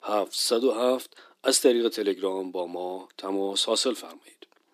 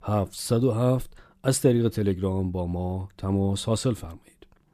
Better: second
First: thin; somewhat; fading below 300 Hz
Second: none

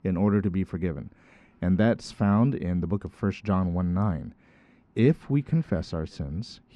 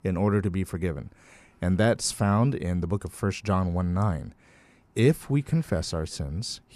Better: second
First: muffled; slightly; fading above 3.5 kHz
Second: none

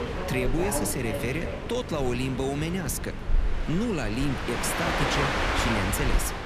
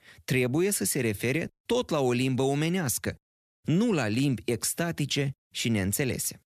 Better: second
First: train or aircraft noise; loud; throughout; as loud as the speech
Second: none

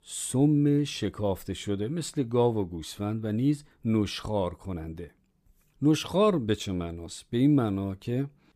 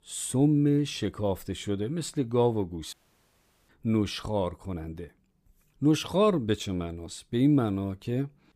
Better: first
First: none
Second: audio cutting out; at 3 s for 1 s

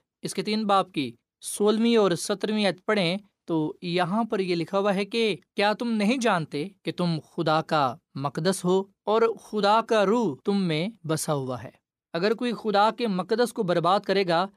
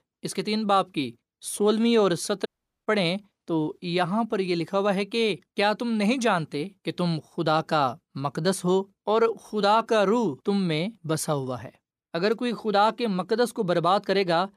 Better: first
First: none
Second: audio cutting out; at 2.5 s

